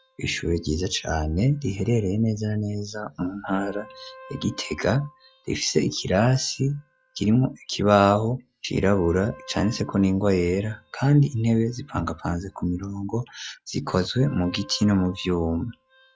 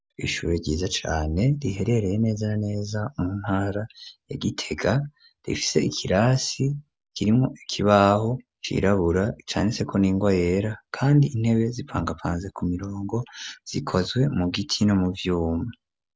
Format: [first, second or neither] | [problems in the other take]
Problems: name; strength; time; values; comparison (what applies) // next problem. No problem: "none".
second | noise reduction (classical method log-MMSE)